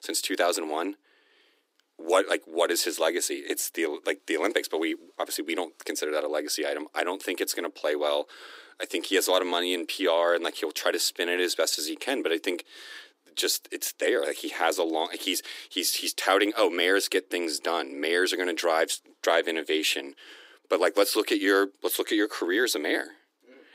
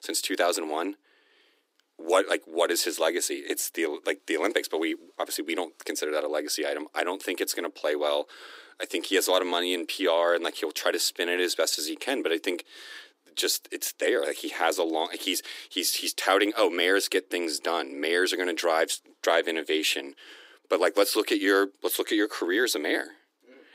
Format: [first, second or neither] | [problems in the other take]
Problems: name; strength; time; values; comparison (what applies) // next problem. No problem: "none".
neither | thin; somewhat; fading below 300 Hz; the same in both